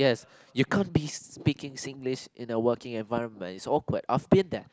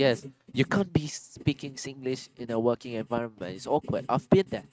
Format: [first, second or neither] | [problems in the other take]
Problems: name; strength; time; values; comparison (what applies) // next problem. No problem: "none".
first | noise reduction (neural mask model RNNoise)